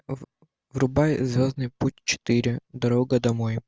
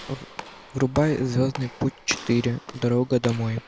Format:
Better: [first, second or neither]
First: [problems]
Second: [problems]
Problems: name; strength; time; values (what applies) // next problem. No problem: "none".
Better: first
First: none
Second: background sound (Walk, footsteps / Slam); 15 dB below the speech